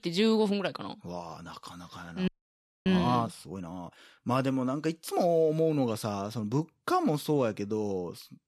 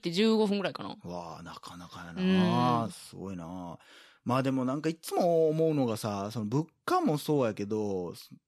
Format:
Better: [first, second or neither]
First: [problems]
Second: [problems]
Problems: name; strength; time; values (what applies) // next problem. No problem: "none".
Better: second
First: audio freezing; at 2.5 s for 0.5 s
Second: none